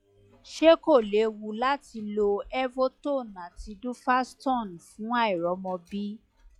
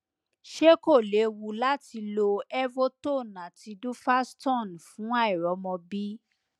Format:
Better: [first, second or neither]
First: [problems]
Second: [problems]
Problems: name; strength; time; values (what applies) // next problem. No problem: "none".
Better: second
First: noise reduction (classical method log-MMSE)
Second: none